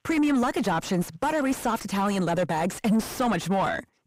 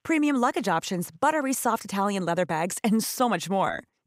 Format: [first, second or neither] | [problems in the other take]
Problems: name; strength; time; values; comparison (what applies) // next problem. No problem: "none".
second | distortion; heavy; 7 dB below the speech